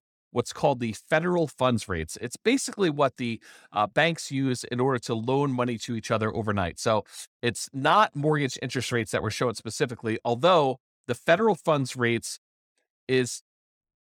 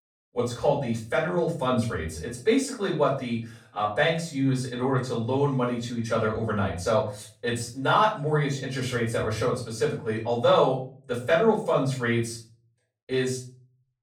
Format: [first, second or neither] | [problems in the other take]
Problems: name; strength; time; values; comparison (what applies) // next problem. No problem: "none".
first | off-mic speech; far // room echo; slight; dies away in 0.4 s